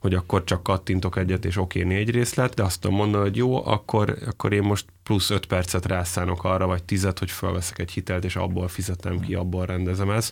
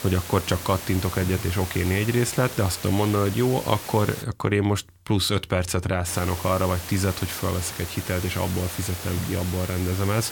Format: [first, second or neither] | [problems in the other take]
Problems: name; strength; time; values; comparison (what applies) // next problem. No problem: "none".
first | hiss; loud; until 4 s and from 6 s on; 9 dB below the speech